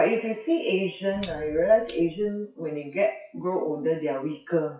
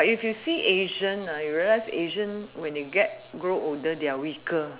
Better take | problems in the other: second | noise reduction (classical method WPE with log-MMSE)

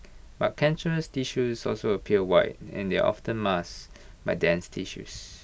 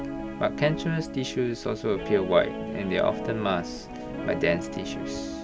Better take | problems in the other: first | background sound (Guitar); 6 dB below the speech

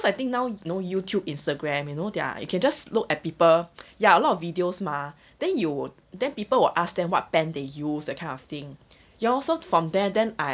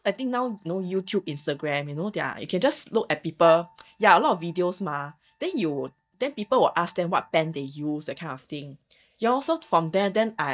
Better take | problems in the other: first | noise reduction (neural mask model DeepFilterNet 3)

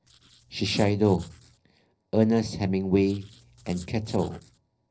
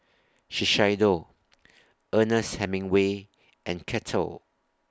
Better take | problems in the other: second | noise reduction (neural separator model SepFormer DNS4)

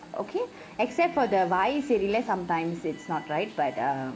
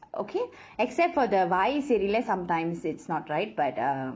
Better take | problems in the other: second | background sound (Alarm); 20 dB below the speech

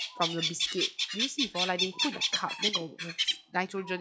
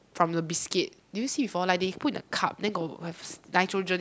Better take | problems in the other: second | noise reduction (classical method log-MMSE)

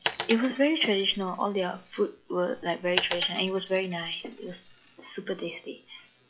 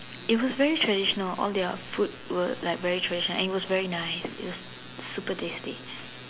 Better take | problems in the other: second | noise reduction (classical method log-MMSE)

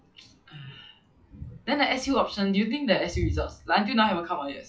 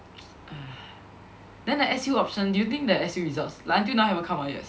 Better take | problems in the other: second | noise reduction (classical method log-MMSE)

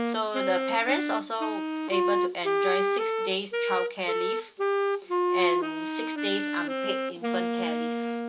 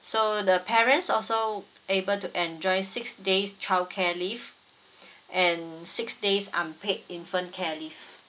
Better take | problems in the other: second | background sound (Wind instrument, woodwind instrument); 4 dB above the speech

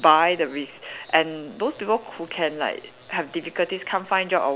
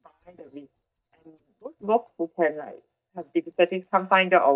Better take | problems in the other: first | noise reduction (neural mask model DeepFilterNet 3)

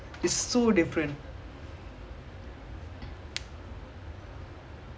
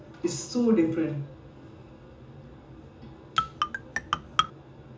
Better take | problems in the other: first | background sound (Marimba, xylophone); 2 dB above the speech // room echo; dies away in 0.7 s

